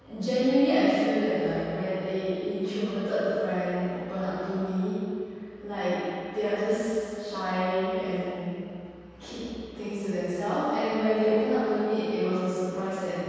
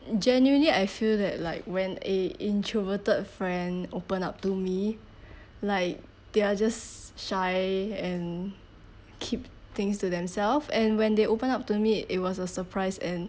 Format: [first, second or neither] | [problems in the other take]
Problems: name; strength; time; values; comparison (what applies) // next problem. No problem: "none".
second | room echo; dies away in 2.2 s